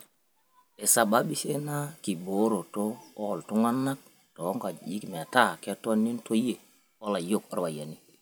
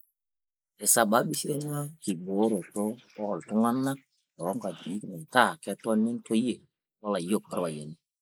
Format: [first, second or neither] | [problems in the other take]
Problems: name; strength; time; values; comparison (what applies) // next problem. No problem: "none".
first | noise reduction (neural mask model Resemble Enhance denoiser)